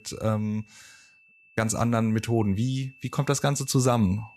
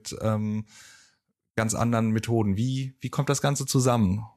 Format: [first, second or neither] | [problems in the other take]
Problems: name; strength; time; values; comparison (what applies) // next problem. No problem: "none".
second | high-pitched whine; faint; throughout; 2.5 kHz, 30 dB below the speech